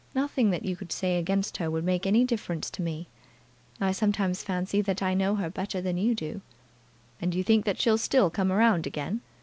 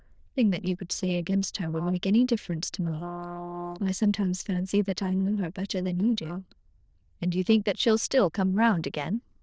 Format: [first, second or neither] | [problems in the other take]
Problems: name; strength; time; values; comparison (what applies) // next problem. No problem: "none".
first | noise reduction (neural diffusion model UNIVERSE++)